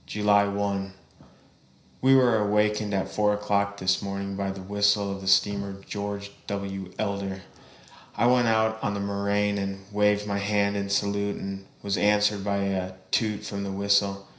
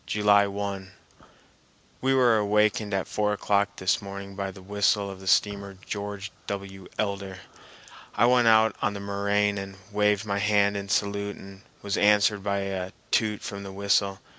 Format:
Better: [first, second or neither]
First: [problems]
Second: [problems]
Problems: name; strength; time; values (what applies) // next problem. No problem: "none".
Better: second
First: room echo; dies away in 0.5 s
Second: none